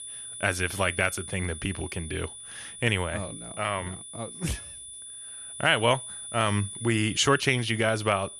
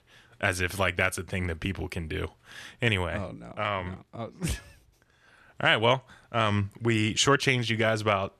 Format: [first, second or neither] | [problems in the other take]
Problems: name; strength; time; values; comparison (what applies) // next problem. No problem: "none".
second | high-pitched whine; noticeable; throughout; 9.5 kHz, 10 dB below the speech